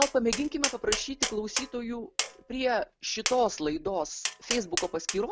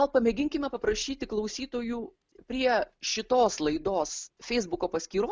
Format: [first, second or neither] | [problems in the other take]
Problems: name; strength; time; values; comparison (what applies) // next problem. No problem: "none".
second | background sound (Tap); 5 dB below the speech